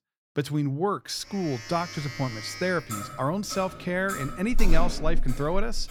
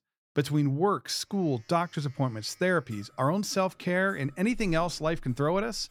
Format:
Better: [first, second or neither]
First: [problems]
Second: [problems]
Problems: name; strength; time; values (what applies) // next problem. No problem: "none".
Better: second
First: household noises; loud; from 1.5 s on; 7 dB below the speech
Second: household noises; faint; from 1.5 s on; 25 dB below the speech